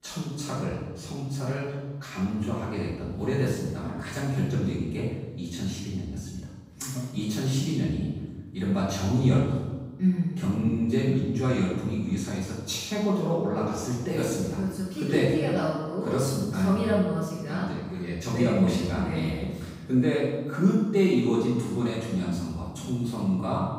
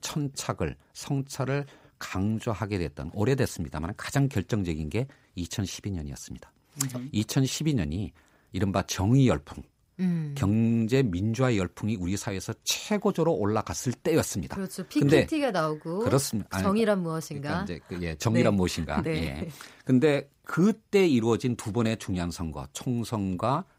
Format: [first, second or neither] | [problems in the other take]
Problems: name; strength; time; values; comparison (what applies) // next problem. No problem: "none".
second | off-mic speech; far // room echo; strong; dies away in 1.1 s